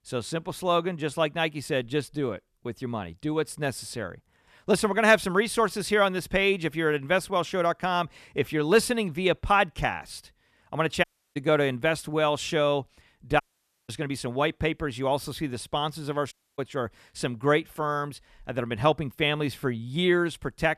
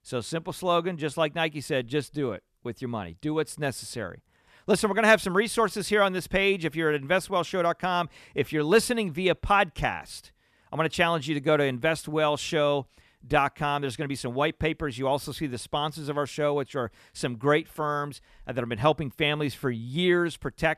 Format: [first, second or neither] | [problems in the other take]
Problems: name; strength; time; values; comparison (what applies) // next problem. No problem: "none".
second | audio cutting out; at 11 s, at 13 s and at 16 s